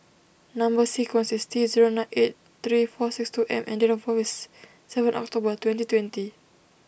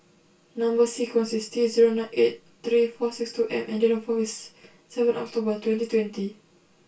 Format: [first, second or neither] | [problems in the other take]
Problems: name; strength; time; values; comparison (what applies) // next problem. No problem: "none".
first | room echo; dies away in 0.2 s